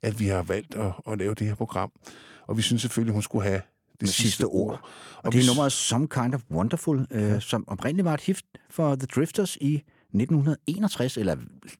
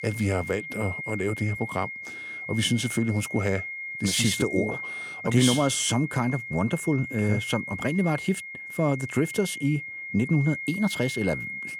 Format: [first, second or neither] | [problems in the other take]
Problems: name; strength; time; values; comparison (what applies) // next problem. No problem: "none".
first | high-pitched whine; loud; throughout; 2 kHz, 7 dB below the speech